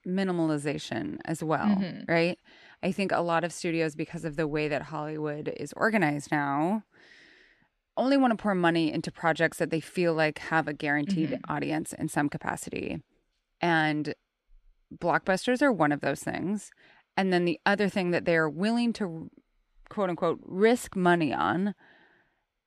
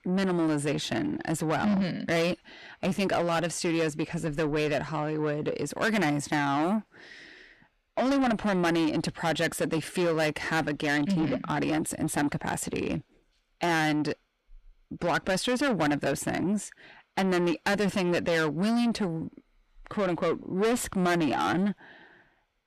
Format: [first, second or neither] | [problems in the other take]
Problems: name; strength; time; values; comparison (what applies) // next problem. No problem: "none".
first | distortion; heavy; 7 dB below the speech